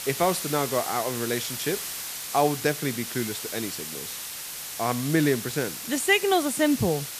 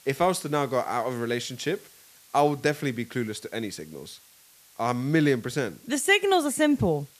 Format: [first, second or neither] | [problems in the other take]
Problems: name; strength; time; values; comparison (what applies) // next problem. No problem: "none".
second | hiss; loud; throughout; 6 dB below the speech; faint in the second